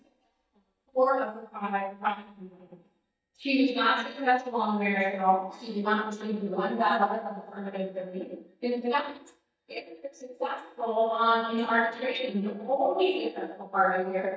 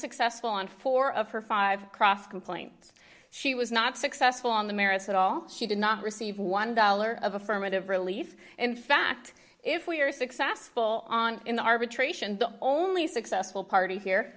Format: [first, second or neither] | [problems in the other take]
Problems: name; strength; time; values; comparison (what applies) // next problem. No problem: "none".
second | noise reduction (neural mask model DeepFilterNet 3)